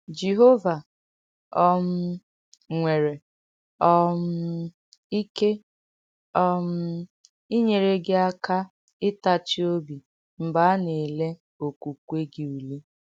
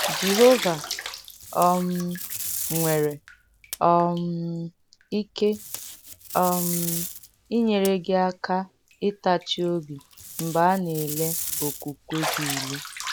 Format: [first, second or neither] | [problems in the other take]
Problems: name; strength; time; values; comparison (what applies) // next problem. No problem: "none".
first | background sound (Packing tape, duct tape + Bathtub (filling or washing)); 8 dB below the speech